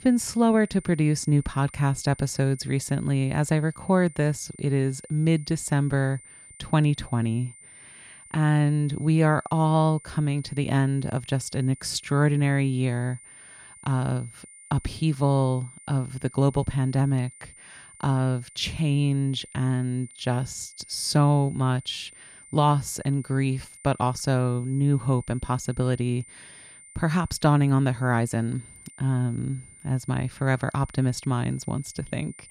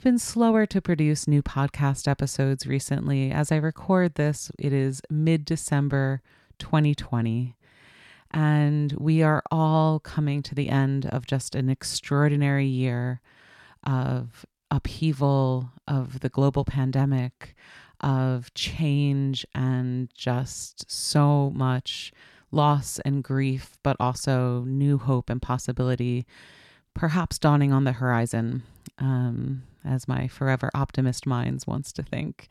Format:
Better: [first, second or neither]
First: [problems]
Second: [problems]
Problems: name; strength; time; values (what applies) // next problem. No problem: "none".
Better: second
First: high-pitched whine; faint; throughout; 9 kHz, 20 dB below the speech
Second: none